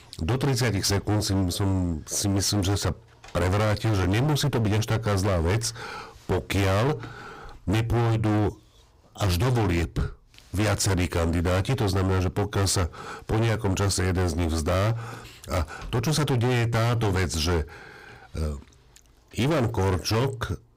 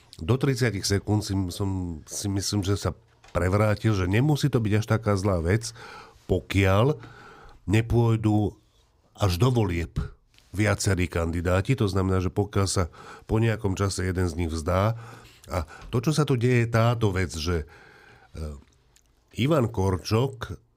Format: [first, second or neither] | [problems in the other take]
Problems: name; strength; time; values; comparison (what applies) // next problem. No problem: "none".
second | distortion; heavy; 27% of the sound clipped